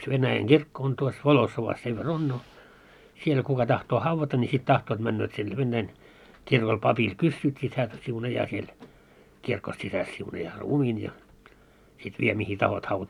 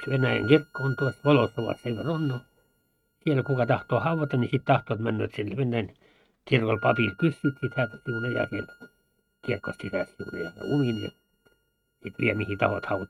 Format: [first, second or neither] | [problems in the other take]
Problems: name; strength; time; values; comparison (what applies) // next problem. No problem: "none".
first | noise reduction (neural mask model RNNoise)